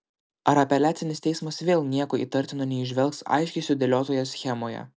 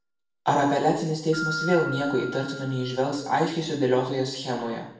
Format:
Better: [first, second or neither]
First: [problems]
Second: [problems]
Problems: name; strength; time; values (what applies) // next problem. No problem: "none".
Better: first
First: none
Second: background sound (Keyboard (musical)); 13 dB below the speech // room echo; dies away in 0.6 s